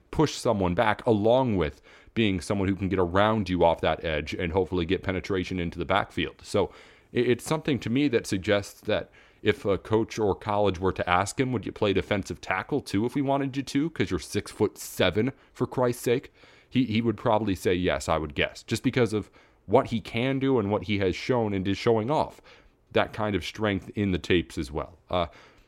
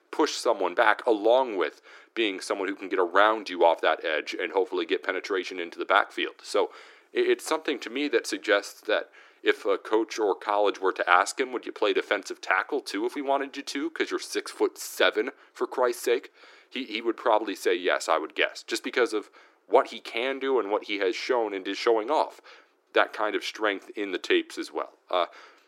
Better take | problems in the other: first | thin; somewhat; fading below 350 Hz

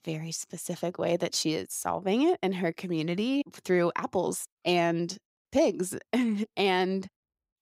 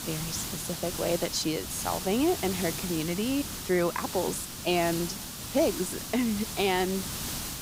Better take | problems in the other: first | hiss; loud; throughout; 5 dB below the speech

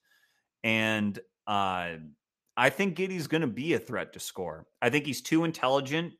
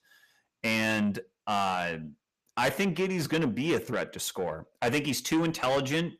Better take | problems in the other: first | distortion; heavy; 7 dB below the speech

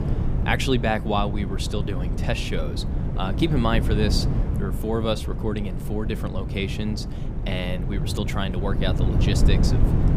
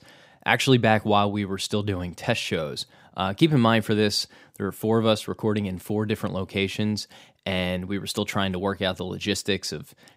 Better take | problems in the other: second | wind noise on the microphone; heavy; 7 dB below the speech

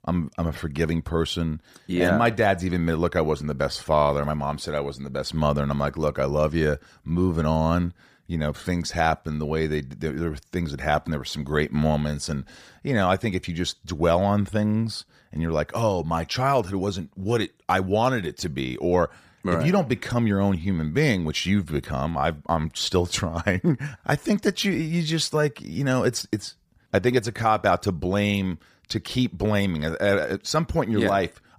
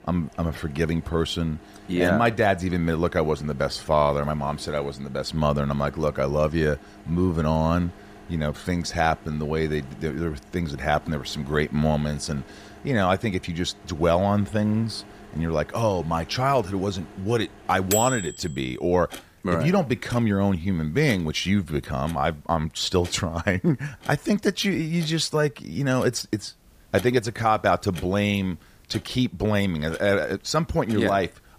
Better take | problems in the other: first | household noises; noticeable; throughout; 15 dB below the speech

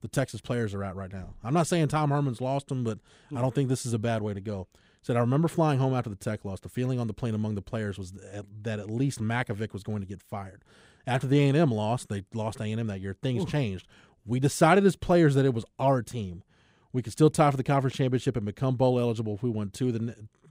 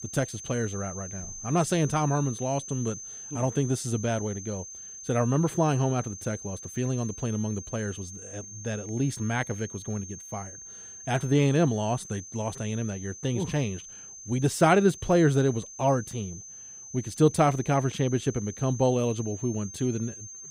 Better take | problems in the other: first | high-pitched whine; noticeable; throughout; 6.5 kHz, 10 dB below the speech

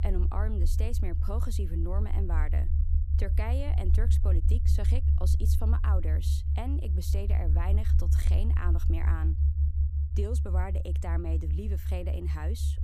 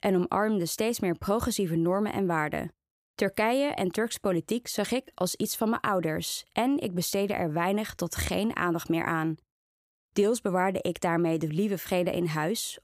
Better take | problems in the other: second | low rumble; loud; throughout; 4 dB below the speech

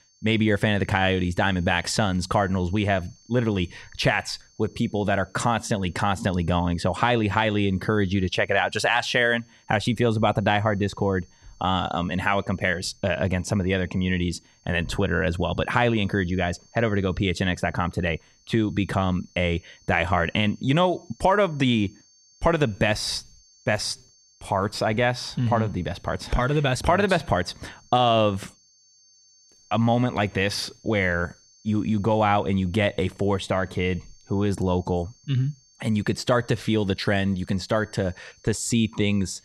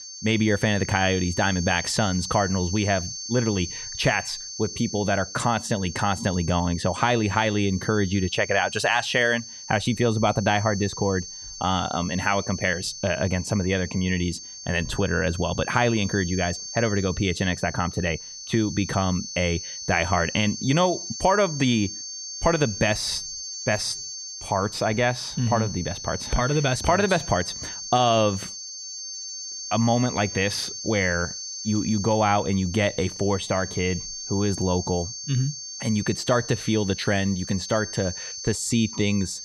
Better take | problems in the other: first | high-pitched whine; loud; throughout; 6.5 kHz, 9 dB below the speech; faint in the first

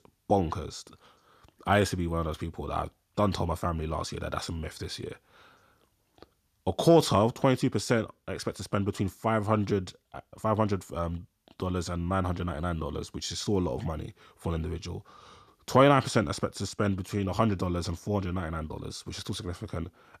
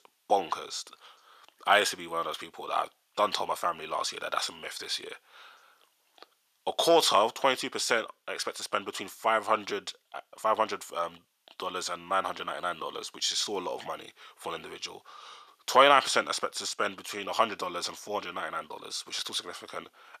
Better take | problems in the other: first | thin; very; fading below 700 Hz

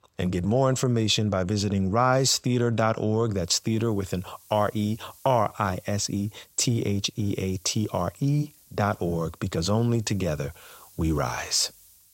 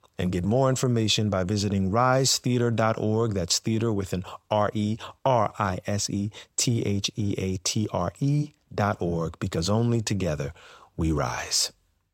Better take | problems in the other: second | hiss; faint; from 3.5 s on; 25 dB below the speech

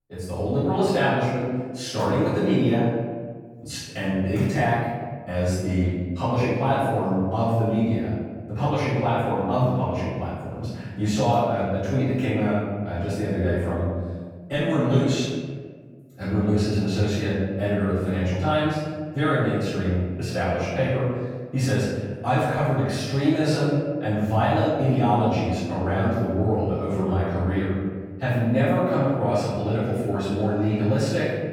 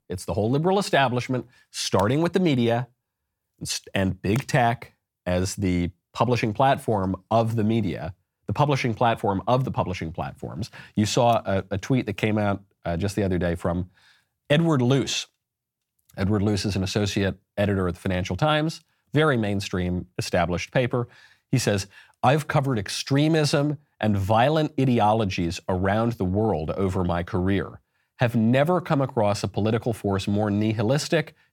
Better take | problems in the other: second | off-mic speech; far // room echo; strong; dies away in 1.5 s

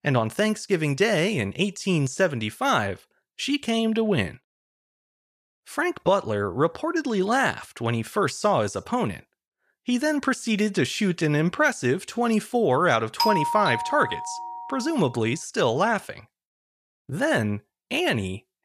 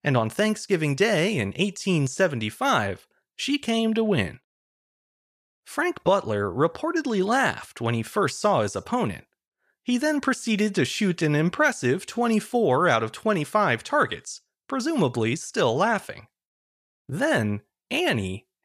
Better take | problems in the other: second | doorbell; loud; from 13 to 15 s; peak 1 dB above the speech

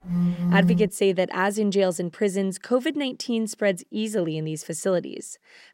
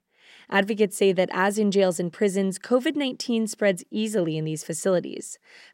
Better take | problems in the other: second | phone ringing; loud; at the start; peak 4 dB above the speech

